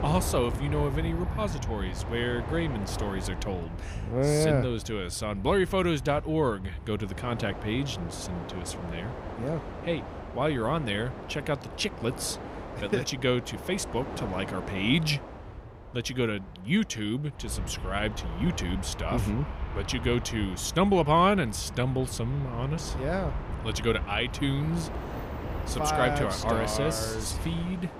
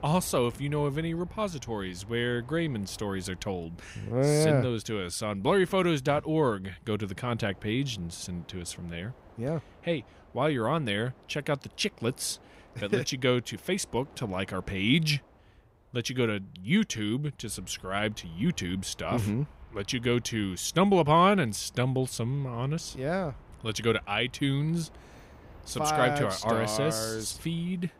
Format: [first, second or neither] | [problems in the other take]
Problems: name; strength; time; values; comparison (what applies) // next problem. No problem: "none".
second | train or aircraft noise; loud; throughout; 8 dB below the speech; faint in the second